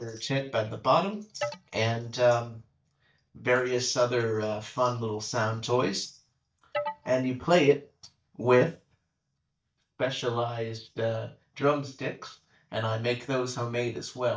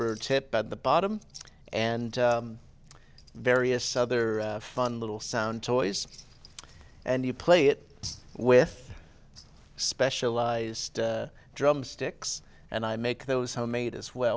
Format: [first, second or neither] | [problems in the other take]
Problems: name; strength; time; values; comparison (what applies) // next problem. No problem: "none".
second | noise reduction (neural mask model DeepFilterNet 3)